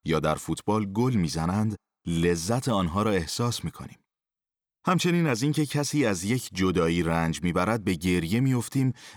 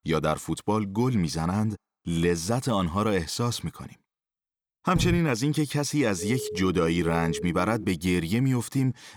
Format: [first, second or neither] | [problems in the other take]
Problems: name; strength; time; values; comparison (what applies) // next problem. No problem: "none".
first | door banging; noticeable; at 5 s; peak 4 dB below the speech // siren; noticeable; from 6 to 8 s; peak 8 dB below the speech